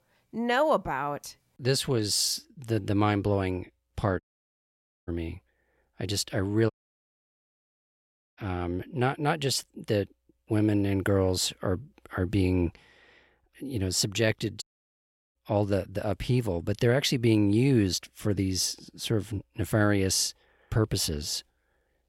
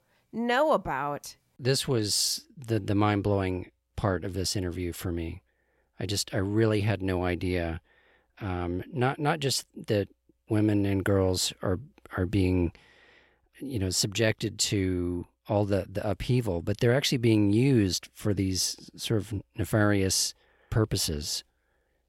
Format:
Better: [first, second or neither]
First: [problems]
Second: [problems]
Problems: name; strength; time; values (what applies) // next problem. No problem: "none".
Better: second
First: audio cutting out; at 4 s for 1 s, at 6.5 s for 1.5 s and at 15 s for 0.5 s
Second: none